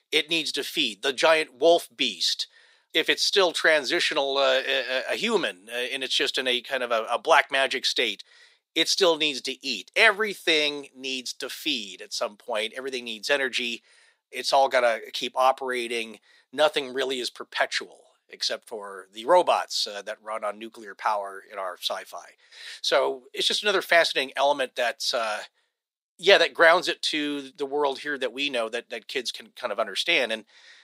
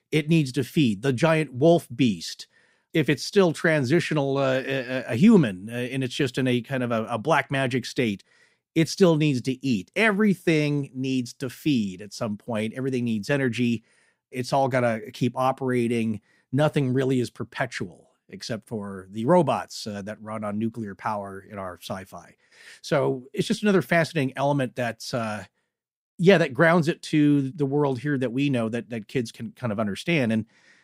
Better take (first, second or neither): second